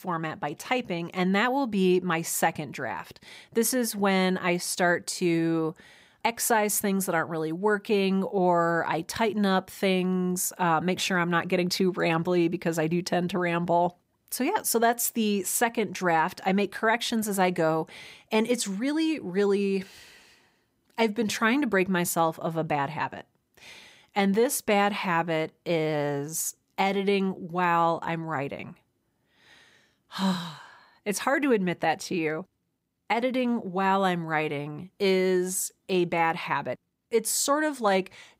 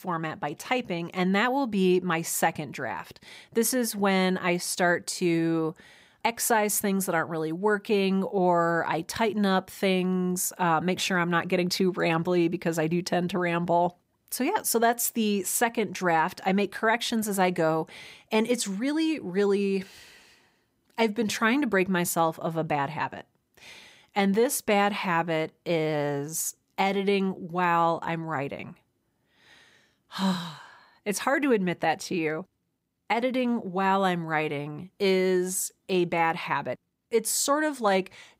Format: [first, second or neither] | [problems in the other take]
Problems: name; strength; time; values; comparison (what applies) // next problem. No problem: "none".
neither | none